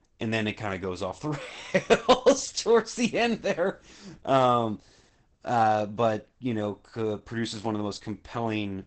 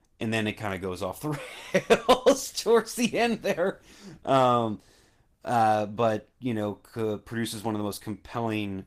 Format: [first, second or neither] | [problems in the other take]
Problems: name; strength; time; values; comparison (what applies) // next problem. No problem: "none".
second | garbled, watery; badly; nothing above 8 kHz; slightly in the second